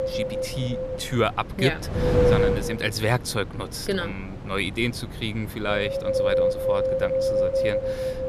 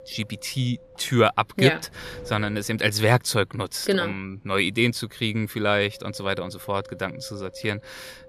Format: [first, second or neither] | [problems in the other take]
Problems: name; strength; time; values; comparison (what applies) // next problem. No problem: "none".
second | wind noise on the microphone; heavy; 4 dB above the speech; occasional gusts in the second